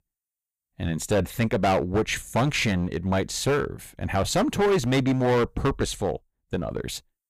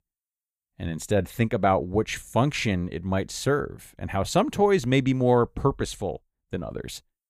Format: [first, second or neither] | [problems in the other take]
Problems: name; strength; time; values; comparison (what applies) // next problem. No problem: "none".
second | distortion; heavy; 10% of the sound clipped